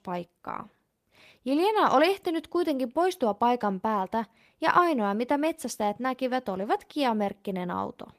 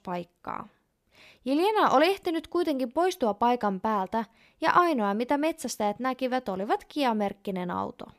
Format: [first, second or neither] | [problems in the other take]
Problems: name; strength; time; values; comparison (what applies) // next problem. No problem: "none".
second | garbled, watery; slightly; nothing above 14.5 kHz